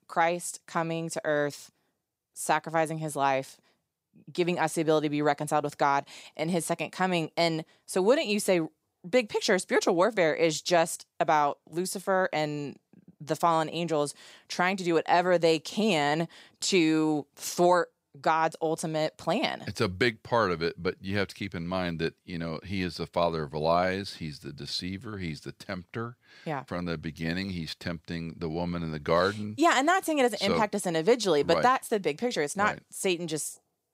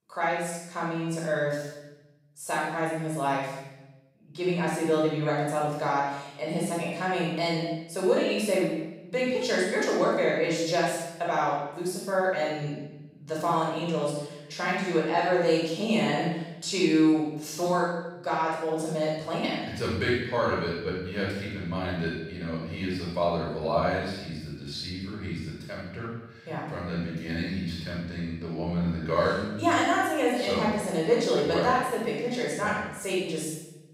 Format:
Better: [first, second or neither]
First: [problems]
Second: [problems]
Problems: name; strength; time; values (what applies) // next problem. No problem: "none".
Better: first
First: none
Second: room echo; strong; dies away in 0.9 s // off-mic speech; far